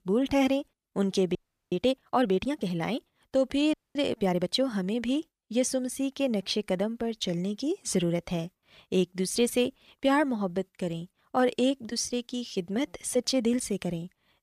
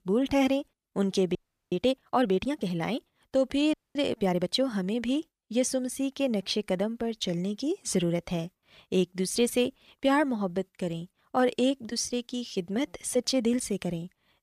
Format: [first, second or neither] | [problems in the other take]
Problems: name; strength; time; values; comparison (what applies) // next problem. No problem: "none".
neither | audio freezing; at 1.5 s and at 3.5 s; the same in both